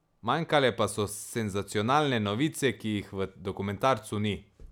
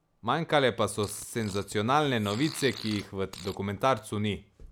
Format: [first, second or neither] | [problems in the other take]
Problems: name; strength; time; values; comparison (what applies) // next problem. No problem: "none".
first | background sound (Fart); 17 dB below the speech